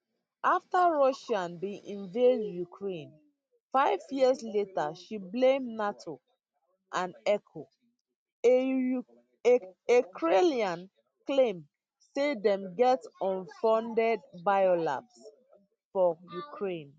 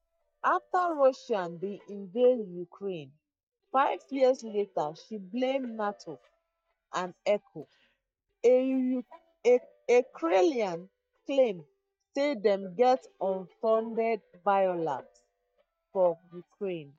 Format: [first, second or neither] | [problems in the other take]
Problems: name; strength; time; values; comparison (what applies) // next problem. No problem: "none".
first | noise reduction (neural mask model DeepFilterNet 3)